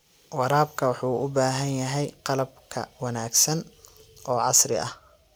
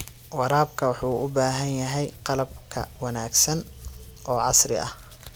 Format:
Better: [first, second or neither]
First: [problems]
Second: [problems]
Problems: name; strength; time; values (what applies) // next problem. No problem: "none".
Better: first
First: none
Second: background sound (Tearing); 17 dB below the speech